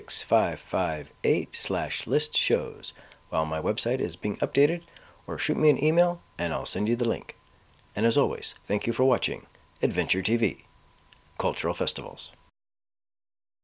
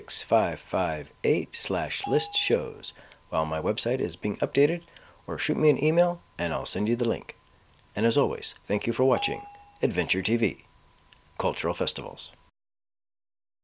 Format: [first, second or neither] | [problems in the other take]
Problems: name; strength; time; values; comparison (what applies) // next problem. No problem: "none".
first | background sound (Bell); 13 dB below the speech